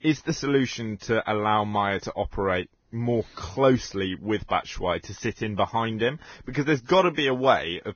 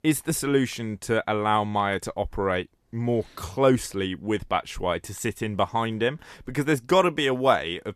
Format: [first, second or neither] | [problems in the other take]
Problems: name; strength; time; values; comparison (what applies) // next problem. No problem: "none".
second | garbled, watery; badly; nothing above 6.5 kHz